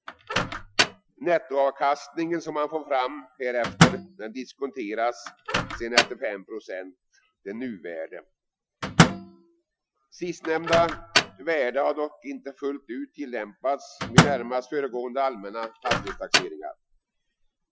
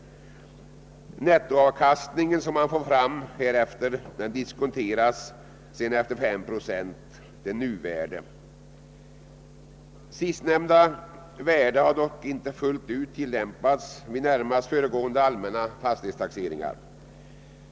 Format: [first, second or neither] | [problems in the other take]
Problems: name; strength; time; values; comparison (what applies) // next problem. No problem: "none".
second | noise reduction (classical method Wiener filter)